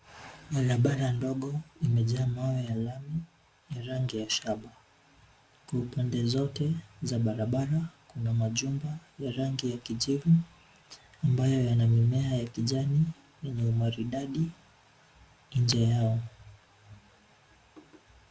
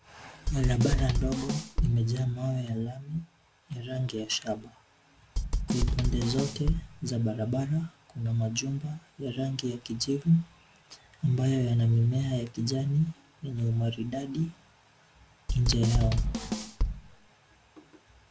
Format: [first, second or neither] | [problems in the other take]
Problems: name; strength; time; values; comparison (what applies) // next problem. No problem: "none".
first | background sound (Drum / Drum kit); 1 dB above the speech